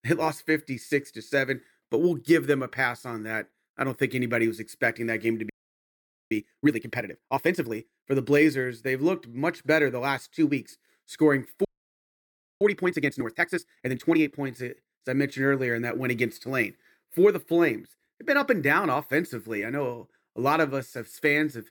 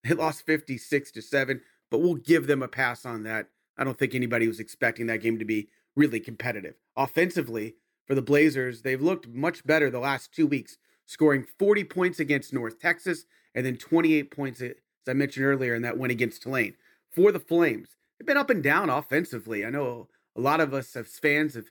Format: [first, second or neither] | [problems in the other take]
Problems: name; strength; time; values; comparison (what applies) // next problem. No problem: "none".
second | audio freezing; at 5.5 s for 1 s and at 12 s for 1 s